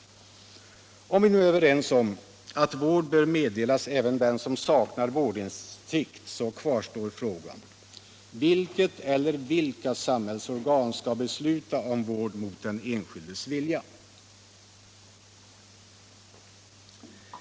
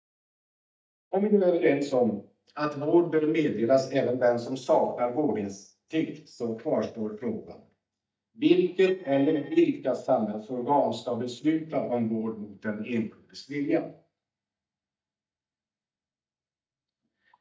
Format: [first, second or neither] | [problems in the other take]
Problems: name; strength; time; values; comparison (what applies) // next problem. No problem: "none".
first | noise reduction (neural mask model DeepFilterNet 3)